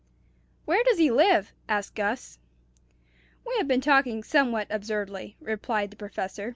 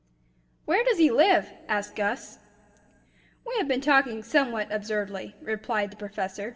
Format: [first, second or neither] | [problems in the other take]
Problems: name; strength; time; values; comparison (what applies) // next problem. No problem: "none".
first | room echo; dies away in 2.7 s